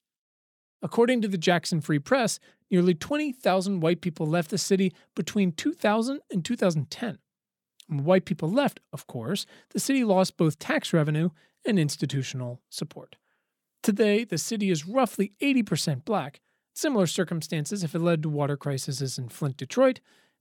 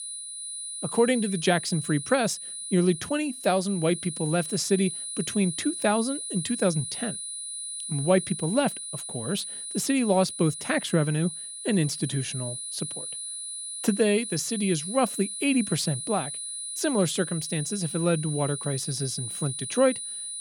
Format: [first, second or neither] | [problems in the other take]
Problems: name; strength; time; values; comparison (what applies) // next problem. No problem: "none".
first | high-pitched whine; loud; throughout; 10 kHz, 6 dB below the speech